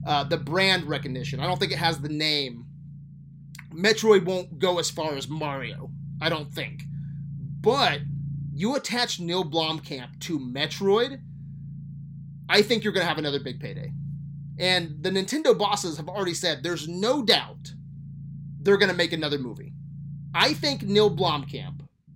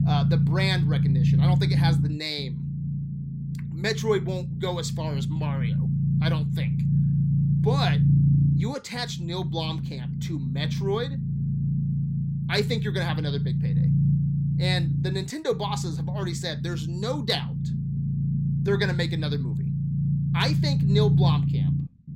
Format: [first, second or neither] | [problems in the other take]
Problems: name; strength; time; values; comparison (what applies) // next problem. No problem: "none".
first | low rumble; loud; throughout; 5 dB below the speech; faint in the first